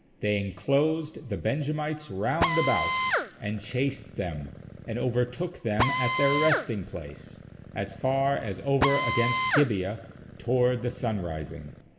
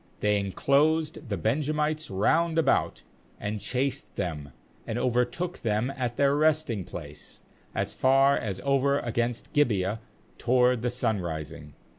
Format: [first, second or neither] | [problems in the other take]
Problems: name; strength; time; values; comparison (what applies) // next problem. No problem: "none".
second | background sound (Drill); 3 dB below the speech // room echo; dies away in 1.3 s